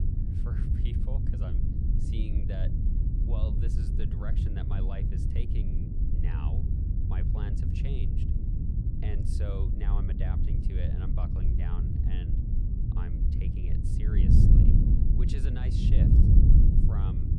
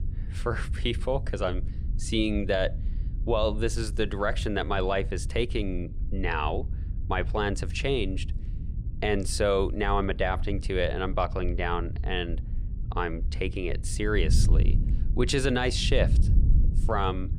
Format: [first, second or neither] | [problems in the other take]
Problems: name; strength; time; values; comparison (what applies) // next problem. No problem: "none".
second | wind noise on the microphone; heavy; 5 dB above the speech; occasional gusts in the second